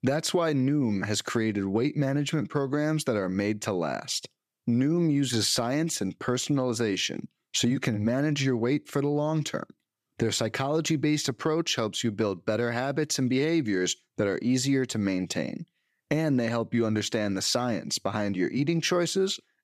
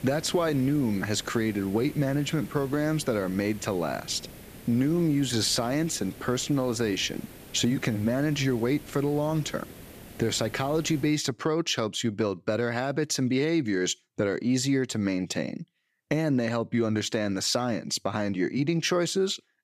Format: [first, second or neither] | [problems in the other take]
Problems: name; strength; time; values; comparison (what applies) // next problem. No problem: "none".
first | hiss; noticeable; until 11 s; 20 dB below the speech